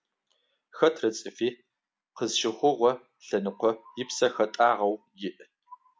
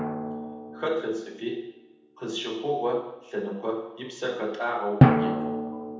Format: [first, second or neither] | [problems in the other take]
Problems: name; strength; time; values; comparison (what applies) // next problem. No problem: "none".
first | background sound (Drum); 4 dB above the speech // room echo; dies away in 0.9 s